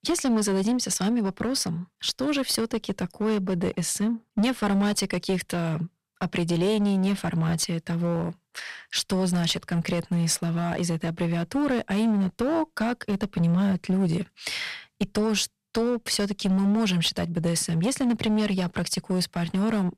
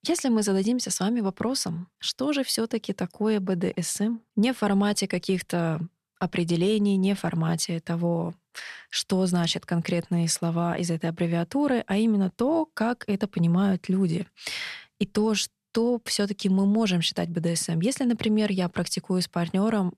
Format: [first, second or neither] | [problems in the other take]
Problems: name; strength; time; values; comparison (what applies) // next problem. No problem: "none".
second | distortion; slight; 9% of the sound clipped